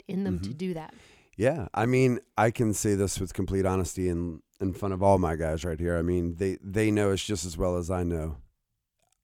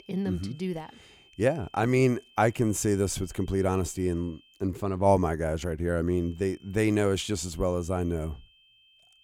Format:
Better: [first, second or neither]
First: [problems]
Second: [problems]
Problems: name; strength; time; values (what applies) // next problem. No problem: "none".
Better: first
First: none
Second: high-pitched whine; faint; until 4.5 s and from 6 s on; 3 kHz, 30 dB below the speech